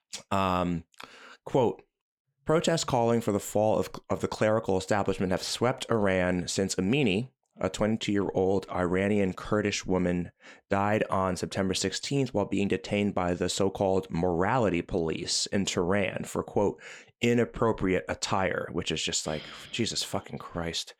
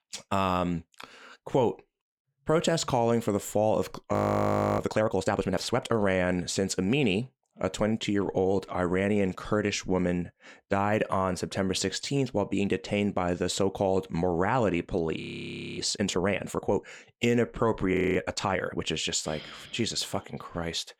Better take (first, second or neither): first